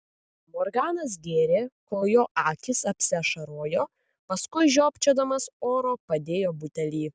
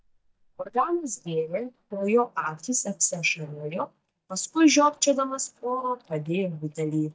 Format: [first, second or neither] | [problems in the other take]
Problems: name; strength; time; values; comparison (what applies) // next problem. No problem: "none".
first | noise reduction (neural mask model DeepFilterNet 3)